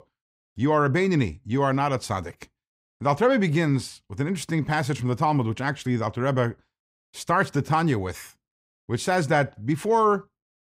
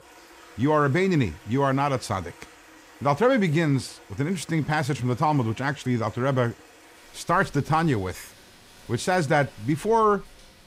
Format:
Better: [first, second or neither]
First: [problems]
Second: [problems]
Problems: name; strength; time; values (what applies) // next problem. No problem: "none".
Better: first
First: none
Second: rain or running water; faint; throughout; 25 dB below the speech